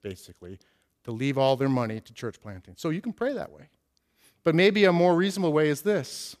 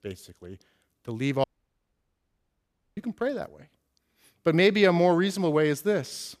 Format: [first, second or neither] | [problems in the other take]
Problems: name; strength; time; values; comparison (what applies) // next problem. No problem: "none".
first | audio cutting out; at 1.5 s for 1.5 s